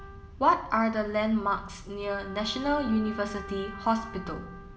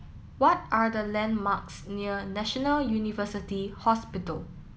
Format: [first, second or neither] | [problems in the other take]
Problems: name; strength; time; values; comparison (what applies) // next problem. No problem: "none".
second | background sound (Trumpet); 17 dB below the speech // room echo; dies away in 0.7 s